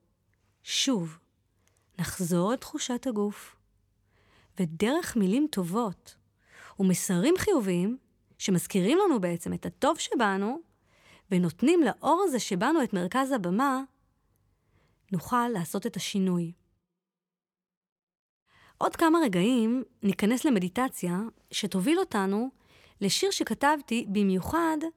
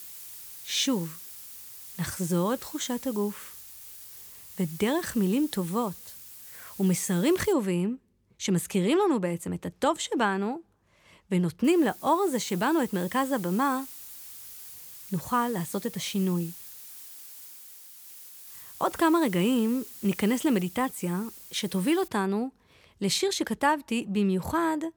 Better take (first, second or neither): first